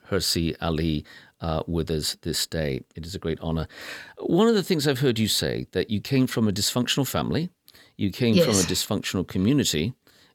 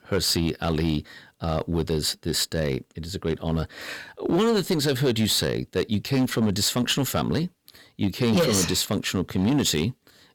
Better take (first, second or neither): first